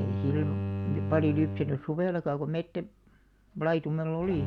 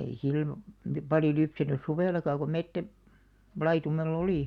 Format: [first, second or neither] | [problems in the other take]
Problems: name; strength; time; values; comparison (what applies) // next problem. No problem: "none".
second | background sound (Bowed string instrument); 5 dB below the speech